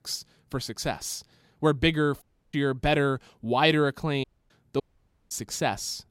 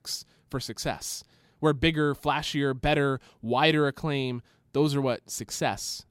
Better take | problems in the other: second | audio cutting out; at 2 s, at 4 s and at 5 s for 0.5 s

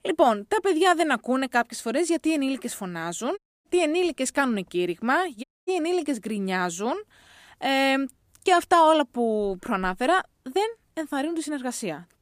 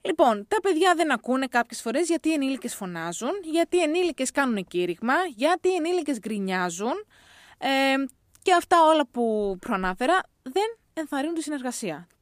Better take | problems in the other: second | audio cutting out; at 3.5 s and at 5.5 s

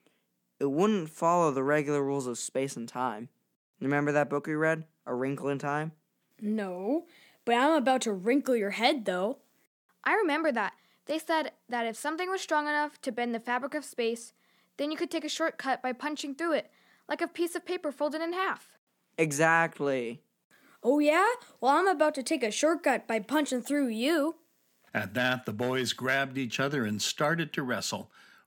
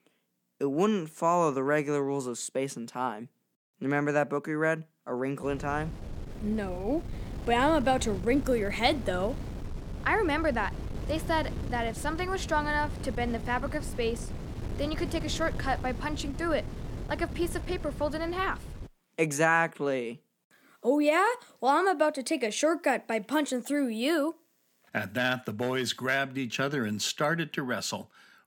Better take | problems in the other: first | wind noise on the microphone; occasional gusts; from 5.5 to 19 s; 15 dB below the speech

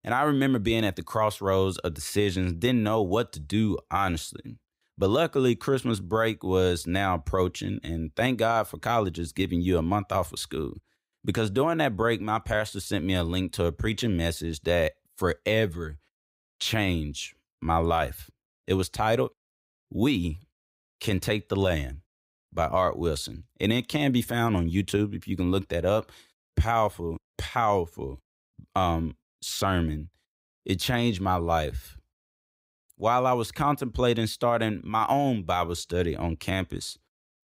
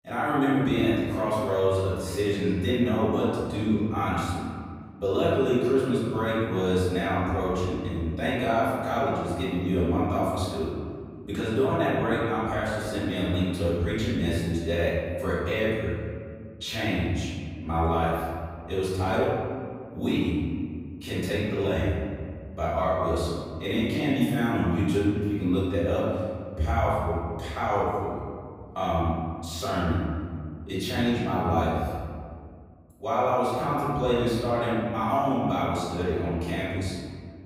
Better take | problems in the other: first | room echo; strong; dies away in 2 s // off-mic speech; far

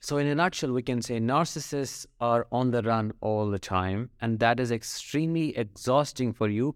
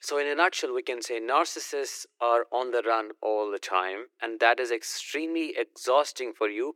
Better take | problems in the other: first | thin; very; fading below 350 Hz

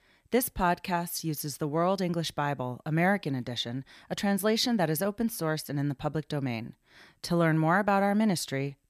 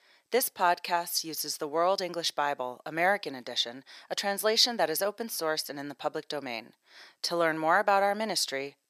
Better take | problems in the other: first | thin; very; fading below 500 Hz

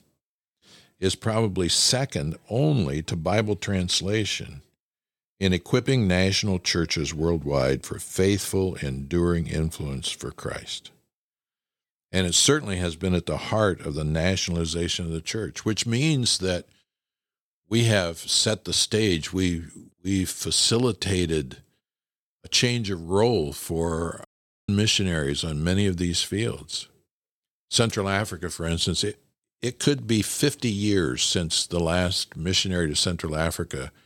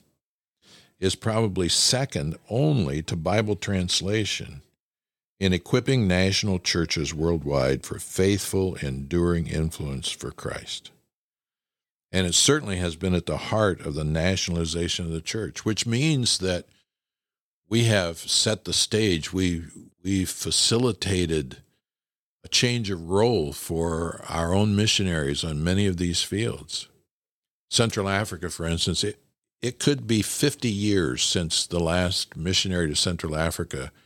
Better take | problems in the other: second | audio cutting out; at 24 s

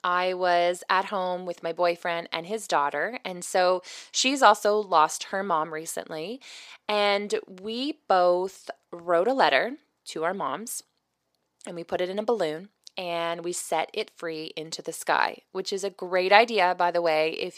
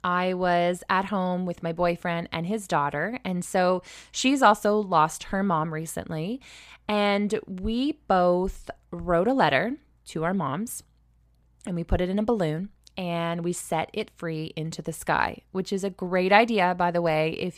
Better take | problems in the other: second | thin; somewhat; fading below 400 Hz

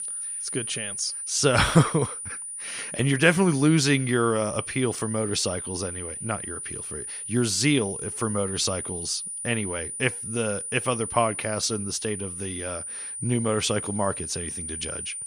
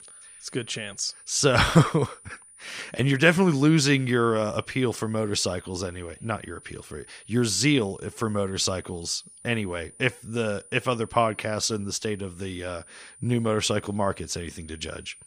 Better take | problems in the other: second | high-pitched whine; loud; throughout; 9.5 kHz, 6 dB below the speech; faint in the second

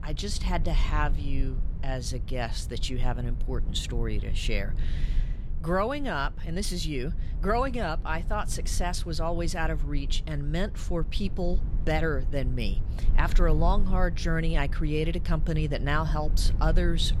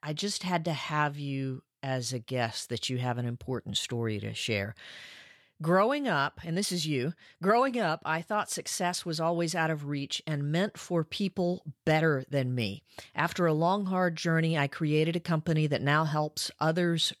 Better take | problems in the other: second | low rumble; noticeable; throughout; 15 dB below the speech

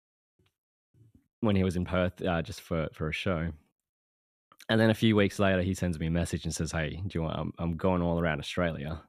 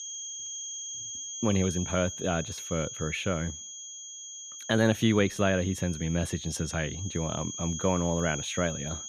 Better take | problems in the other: first | high-pitched whine; loud; throughout; 6.5 kHz, 8 dB below the speech

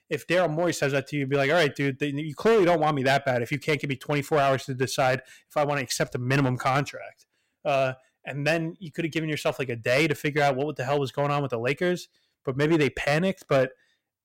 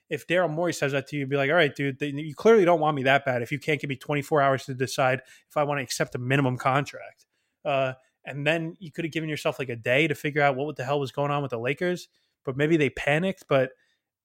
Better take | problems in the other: second | distortion; slight; 5% of the sound clipped

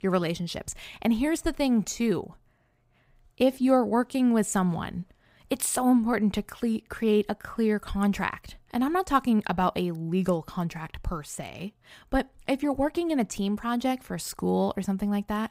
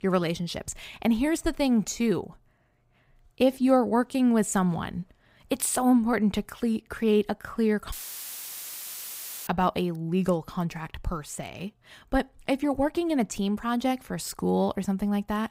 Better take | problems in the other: first | audio cutting out; filled with static; at 8 s for 1.5 s

